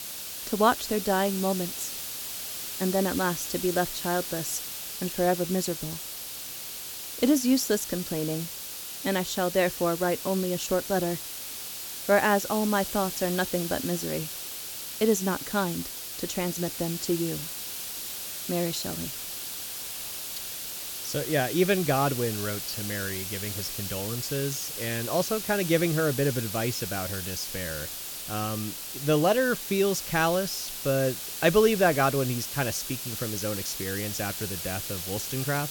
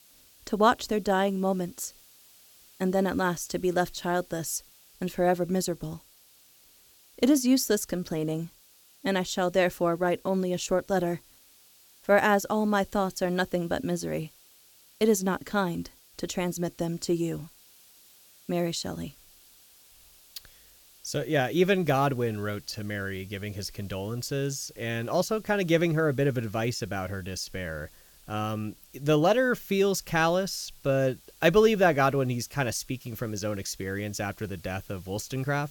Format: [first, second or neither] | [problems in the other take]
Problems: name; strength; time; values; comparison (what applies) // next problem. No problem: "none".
second | hiss; loud; throughout; 5 dB below the speech; faint in the second